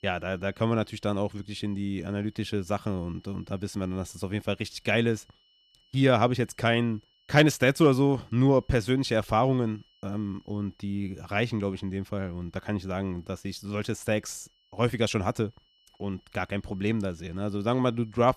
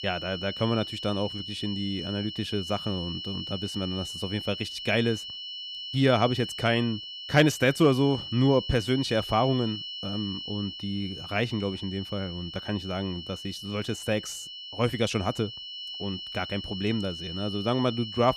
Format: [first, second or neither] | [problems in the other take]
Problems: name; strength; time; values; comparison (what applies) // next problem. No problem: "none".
first | high-pitched whine; loud; throughout; 3 kHz, 8 dB below the speech; faint in the first